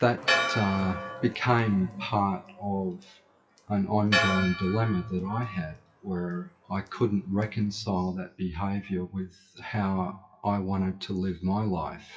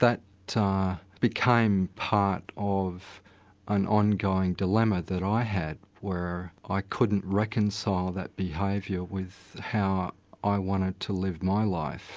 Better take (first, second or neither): second